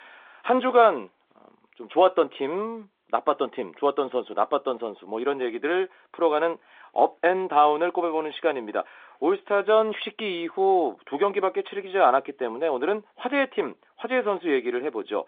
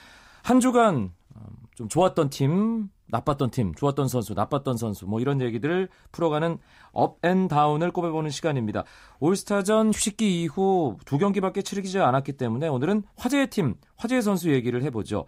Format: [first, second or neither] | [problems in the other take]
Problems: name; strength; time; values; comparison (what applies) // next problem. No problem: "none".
second | phone-call audio